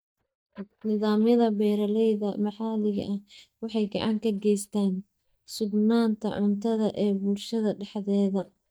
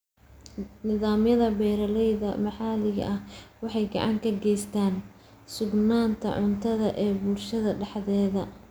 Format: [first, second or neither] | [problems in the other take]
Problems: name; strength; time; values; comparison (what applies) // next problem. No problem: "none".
second | noise reduction (neural mask model DeepFilterNet 3)